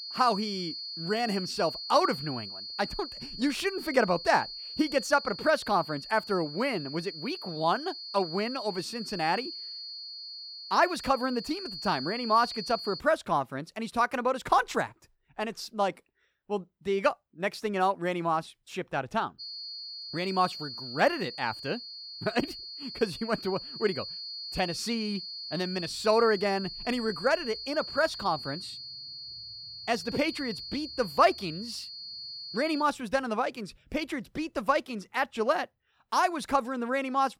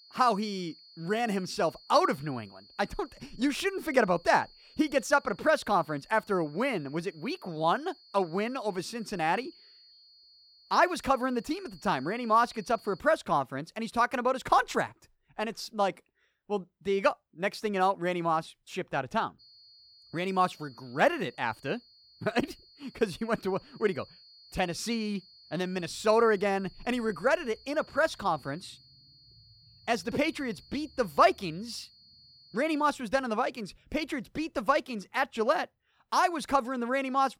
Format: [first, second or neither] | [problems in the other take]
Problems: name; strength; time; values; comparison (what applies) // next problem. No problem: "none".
second | high-pitched whine; loud; until 13 s and from 19 to 33 s; 4.5 kHz, 8 dB below the speech; faint in the second